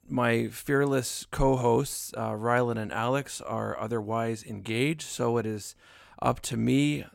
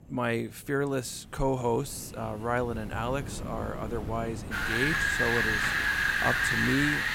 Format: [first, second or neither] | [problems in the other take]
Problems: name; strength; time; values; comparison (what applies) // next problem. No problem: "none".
first | wind in the background; very loud; throughout; 4 dB above the speech